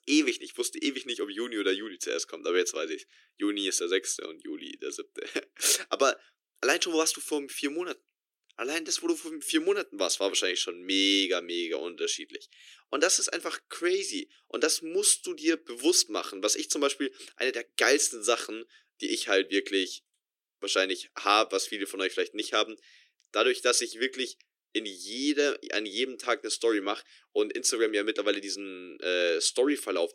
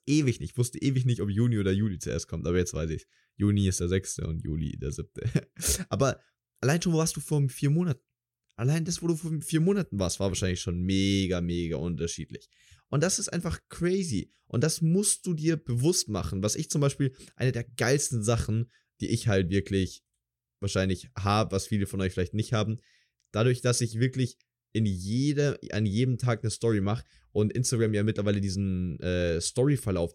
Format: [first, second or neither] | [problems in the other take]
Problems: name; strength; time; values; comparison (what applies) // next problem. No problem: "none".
second | thin; very; fading below 300 Hz